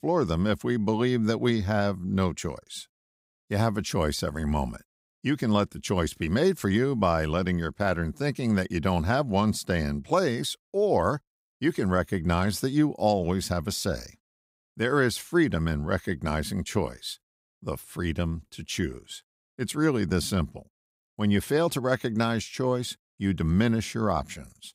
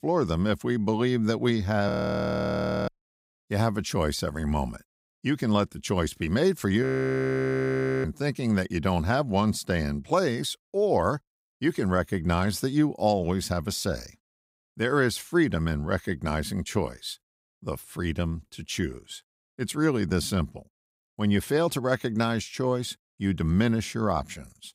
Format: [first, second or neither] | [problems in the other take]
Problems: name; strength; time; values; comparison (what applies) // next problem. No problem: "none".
first | audio freezing; at 2 s for 1 s and at 7 s for 1 s